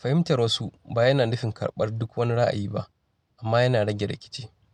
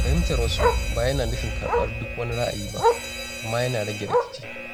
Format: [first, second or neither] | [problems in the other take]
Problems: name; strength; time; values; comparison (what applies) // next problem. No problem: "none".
first | background sound (Bark + Alarm); 4 dB above the speech